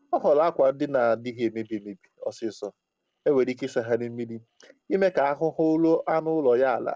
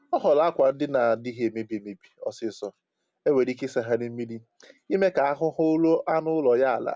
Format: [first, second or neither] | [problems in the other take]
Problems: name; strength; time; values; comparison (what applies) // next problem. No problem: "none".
second | noise reduction (neural separator model SepFormer DNS4)